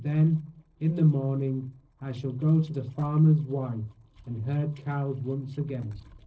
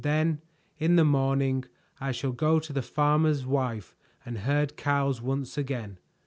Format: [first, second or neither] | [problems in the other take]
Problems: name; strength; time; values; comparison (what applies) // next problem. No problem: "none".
second | noise reduction (neural separator model SepFormer DNS4)